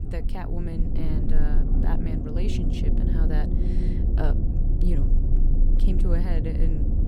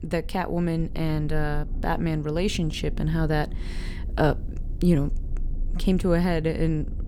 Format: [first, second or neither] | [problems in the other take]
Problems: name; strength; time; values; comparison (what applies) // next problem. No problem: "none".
second | low rumble; loud; throughout; as loud as the speech; faint in the second